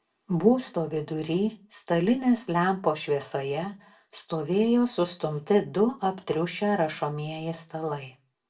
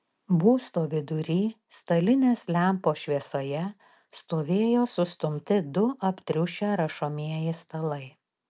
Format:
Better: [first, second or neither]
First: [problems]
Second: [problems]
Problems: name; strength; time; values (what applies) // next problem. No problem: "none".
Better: second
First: room echo; dies away in 0.2 s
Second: none